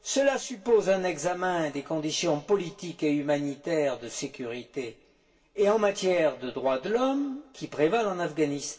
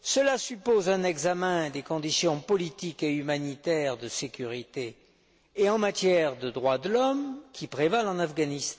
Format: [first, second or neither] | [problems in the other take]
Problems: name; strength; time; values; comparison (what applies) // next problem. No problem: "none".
second | room echo; dies away in 0.2 s